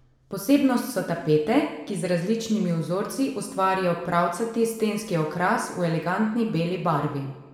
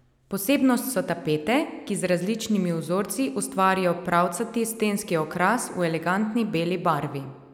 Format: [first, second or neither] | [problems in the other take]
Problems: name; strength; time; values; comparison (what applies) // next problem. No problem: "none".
second | room echo; dies away in 0.7 s